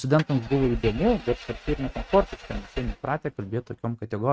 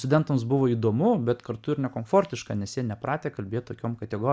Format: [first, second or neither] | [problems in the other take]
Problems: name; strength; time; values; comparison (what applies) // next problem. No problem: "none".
second | noise reduction (neural mask model RNNoise)